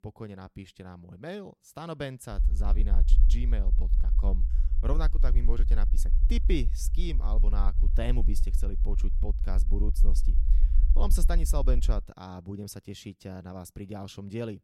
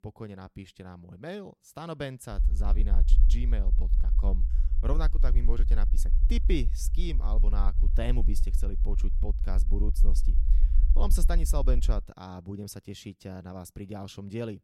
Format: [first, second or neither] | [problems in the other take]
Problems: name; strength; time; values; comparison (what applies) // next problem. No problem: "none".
neither | low rumble; noticeable; from 2.5 to 12 s; 10 dB below the speech; the same in both